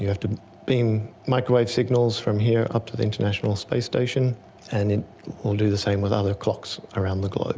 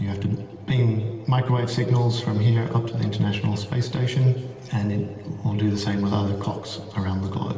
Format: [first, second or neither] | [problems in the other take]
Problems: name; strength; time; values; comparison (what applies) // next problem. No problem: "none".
first | room echo; dies away in 2.5 s